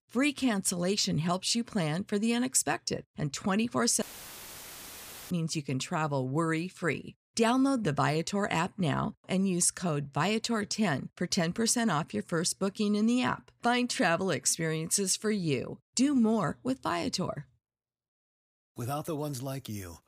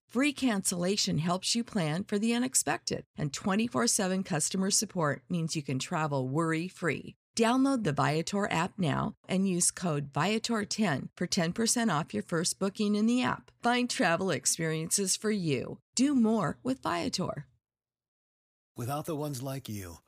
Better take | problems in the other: second | audio cutting out; filled with static; at 4 s for 1.5 s

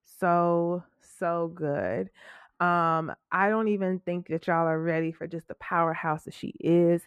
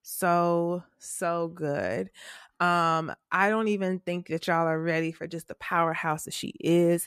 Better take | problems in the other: second | muffled; very; fading above 3 kHz

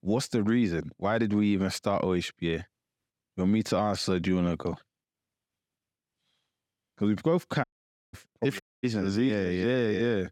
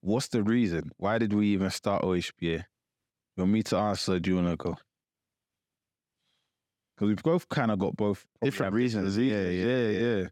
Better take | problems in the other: second | audio cutting out; at 7.5 s and at 8.5 s

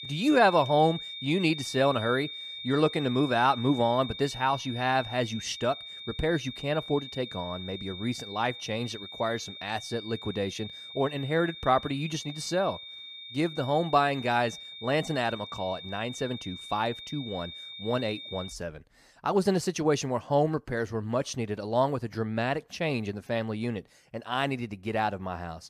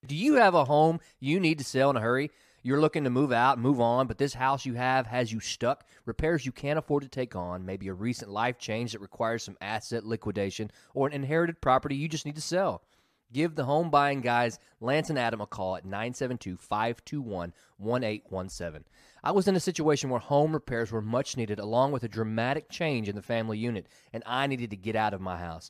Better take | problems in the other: second | high-pitched whine; noticeable; until 19 s; 3.5 kHz, 10 dB below the speech

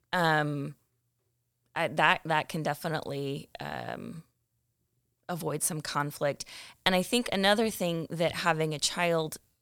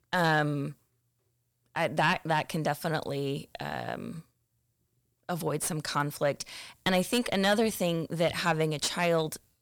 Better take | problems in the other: first | distortion; slight; 10 dB below the speech

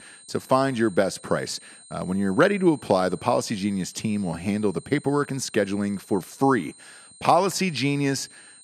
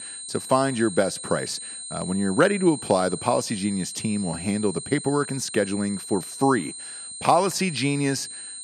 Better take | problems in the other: first | high-pitched whine; loud; throughout; 8.5 kHz, 9 dB below the speech; faint in the first

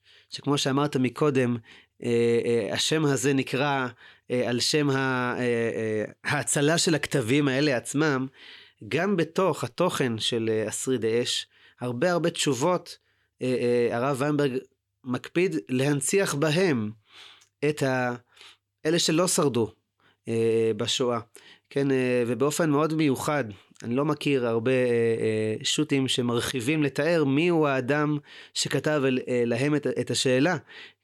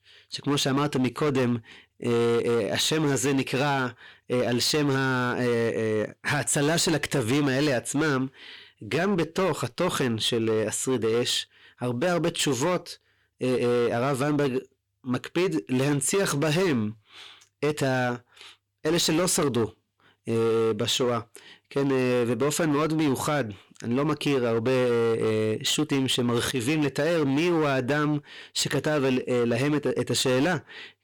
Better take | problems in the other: first | distortion; slight; 16% of the sound clipped

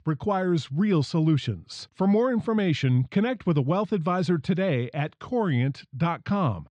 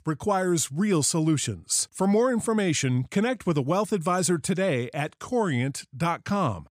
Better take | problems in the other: second | muffled; slightly; fading above 4 kHz

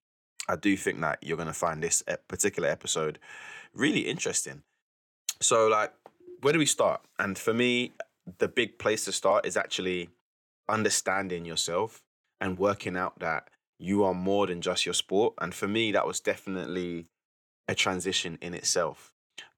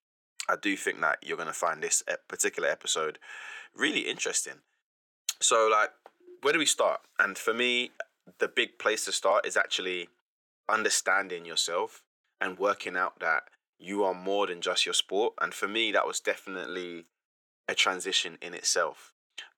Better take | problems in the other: first | thin; somewhat; fading below 350 Hz

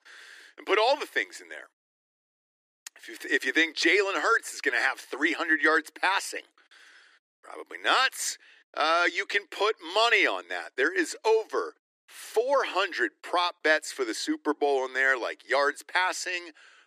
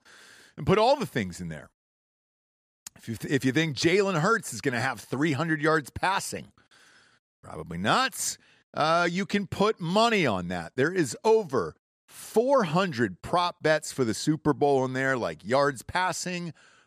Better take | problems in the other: second | thin; very; fading below 300 Hz

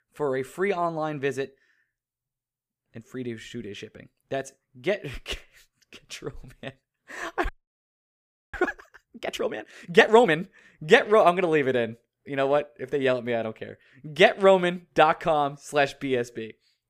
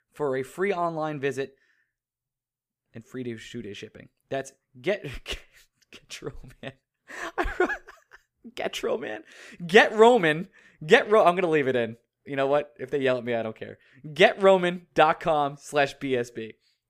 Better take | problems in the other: second | audio freezing; at 7.5 s for 1 s

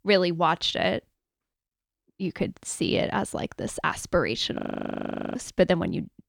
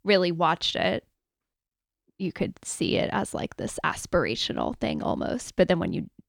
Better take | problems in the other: second | audio freezing; at 4.5 s for 1 s

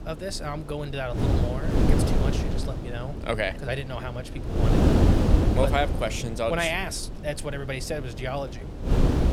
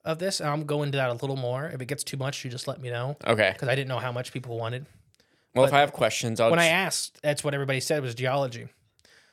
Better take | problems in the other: second | wind noise on the microphone; heavy; 1 dB below the speech

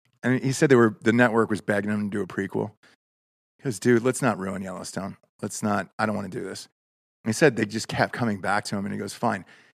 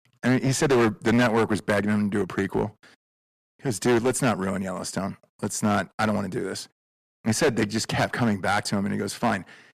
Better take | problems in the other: first | distortion; heavy; 7% of the sound clipped

